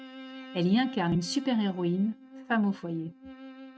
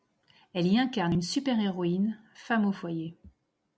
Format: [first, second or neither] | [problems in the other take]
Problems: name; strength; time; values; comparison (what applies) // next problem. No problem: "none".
second | noise reduction (neural mask model RNNoise)